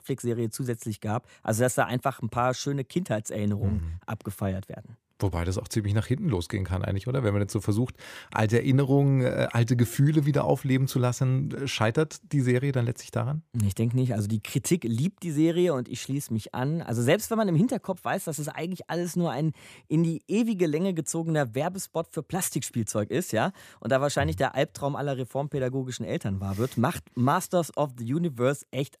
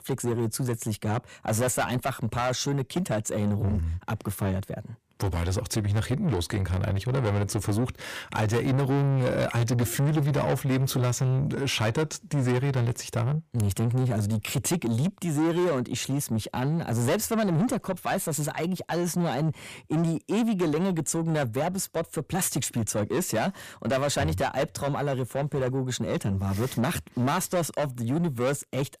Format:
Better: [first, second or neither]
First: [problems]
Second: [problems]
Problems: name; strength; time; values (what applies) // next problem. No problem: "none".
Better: first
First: none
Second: distortion; heavy; 8 dB below the speech